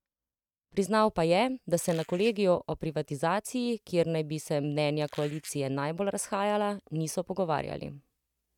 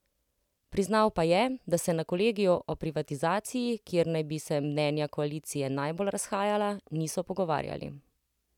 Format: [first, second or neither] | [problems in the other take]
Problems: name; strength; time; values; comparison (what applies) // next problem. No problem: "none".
second | noise reduction (neural mask model RNNoise)